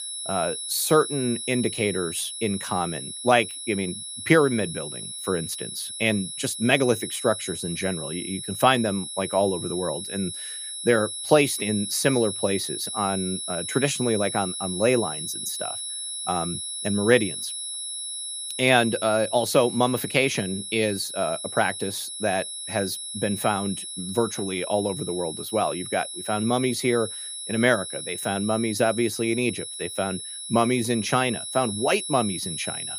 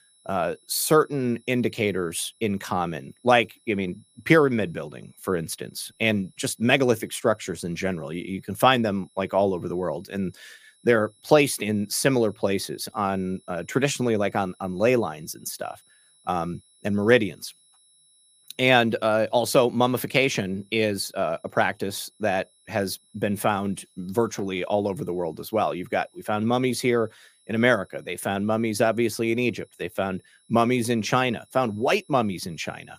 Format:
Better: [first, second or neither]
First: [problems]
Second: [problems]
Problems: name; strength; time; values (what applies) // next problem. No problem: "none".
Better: second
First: high-pitched whine; loud; throughout; 10.5 kHz, 6 dB below the speech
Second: high-pitched whine; faint; throughout; 10.5 kHz, 35 dB below the speech